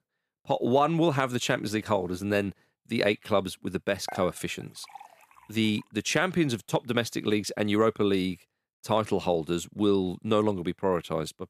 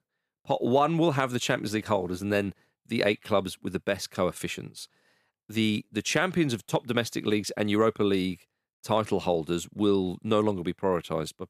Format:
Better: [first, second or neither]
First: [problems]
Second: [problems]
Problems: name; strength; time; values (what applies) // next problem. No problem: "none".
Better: second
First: clattering dishes; faint; at 4 s; peak 15 dB below the speech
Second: none